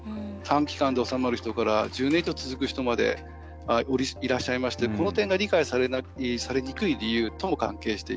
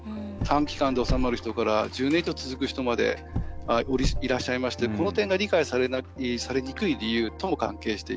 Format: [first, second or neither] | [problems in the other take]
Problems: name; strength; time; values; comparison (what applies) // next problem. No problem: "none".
first | background sound (Car); 3 dB below the speech